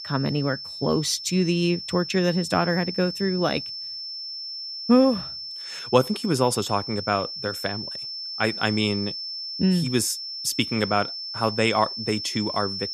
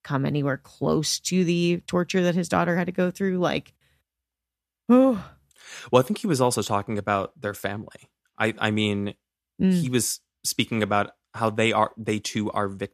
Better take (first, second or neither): second